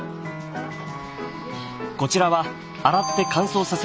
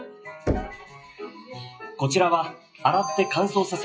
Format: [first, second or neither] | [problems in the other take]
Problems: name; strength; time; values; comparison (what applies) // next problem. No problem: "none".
first | noise reduction (classical method WPE with log-MMSE)